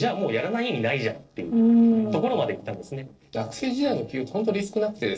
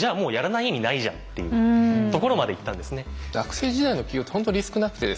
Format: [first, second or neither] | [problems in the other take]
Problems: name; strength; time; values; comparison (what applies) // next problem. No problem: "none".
second | noise reduction (neural separator model SepFormer DNS4)